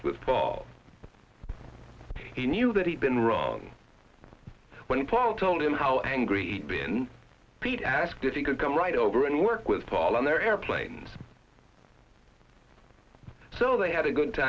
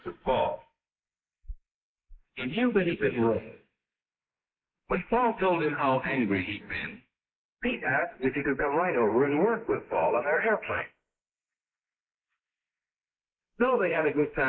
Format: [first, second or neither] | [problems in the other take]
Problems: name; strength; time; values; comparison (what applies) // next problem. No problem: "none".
first | noise reduction (neural mask model Resemble Enhance denoiser)